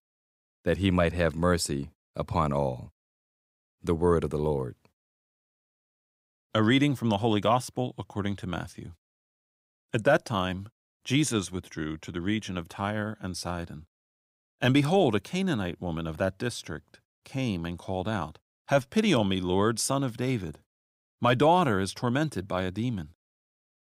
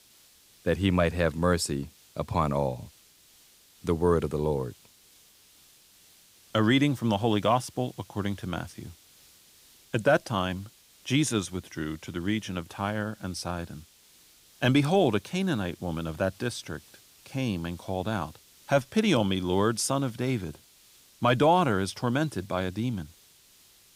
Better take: first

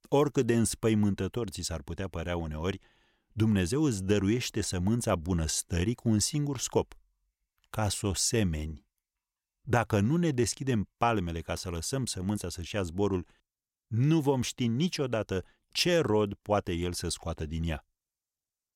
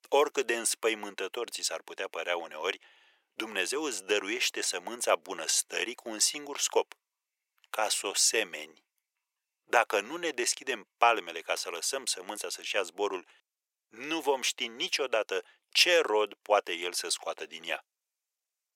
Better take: first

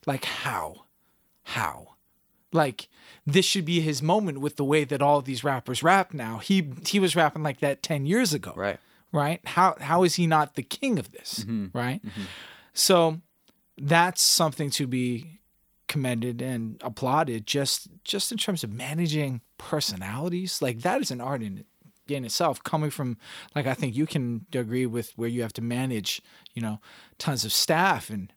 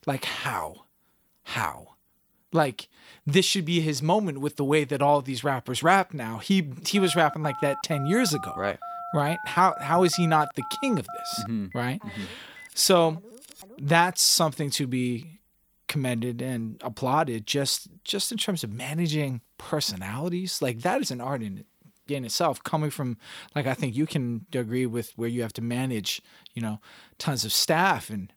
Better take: first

